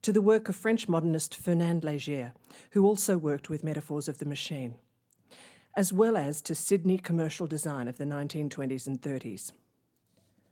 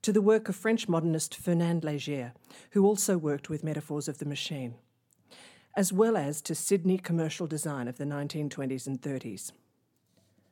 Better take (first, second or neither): second